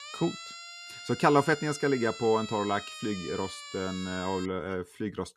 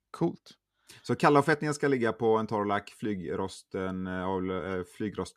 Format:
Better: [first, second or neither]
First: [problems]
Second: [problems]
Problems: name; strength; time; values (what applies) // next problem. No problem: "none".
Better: second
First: siren; faint; until 4.5 s; peak 10 dB below the speech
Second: none